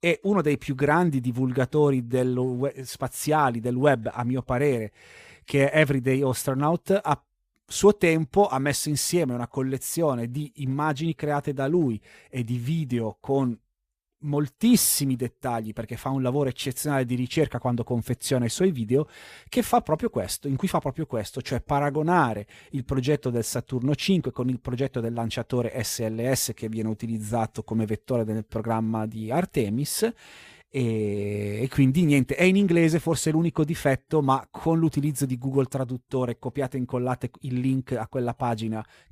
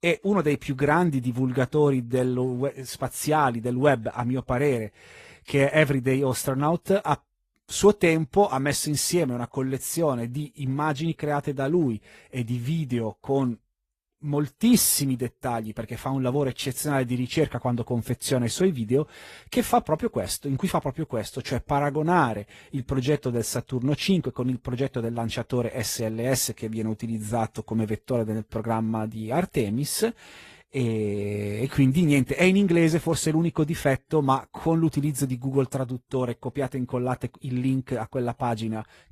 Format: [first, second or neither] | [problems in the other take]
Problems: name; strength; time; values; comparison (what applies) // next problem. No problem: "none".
first | garbled, watery; slightly; nothing above 14.5 kHz